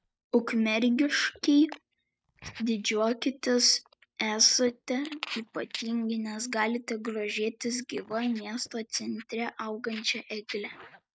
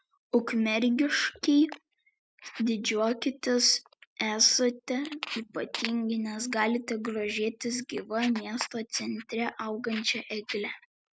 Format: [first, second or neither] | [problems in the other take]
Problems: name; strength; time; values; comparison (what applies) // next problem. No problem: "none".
second | noise reduction (neural mask model DeepFilterNet 3)